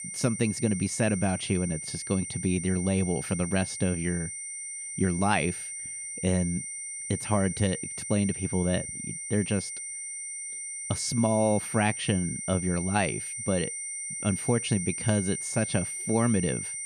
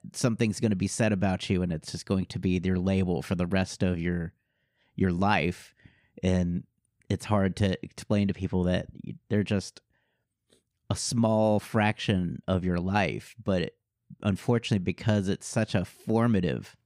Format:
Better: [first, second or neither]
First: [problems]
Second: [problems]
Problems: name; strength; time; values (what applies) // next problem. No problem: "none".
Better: second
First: high-pitched whine; loud; throughout; 9 kHz, 5 dB below the speech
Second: none